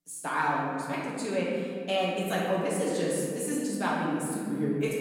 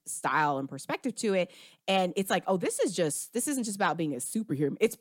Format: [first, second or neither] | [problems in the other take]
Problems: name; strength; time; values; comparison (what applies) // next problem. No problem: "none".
second | room echo; strong; dies away in 2.2 s // off-mic speech; far